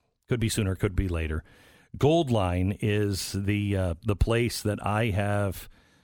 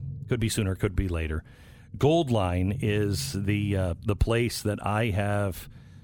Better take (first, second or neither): first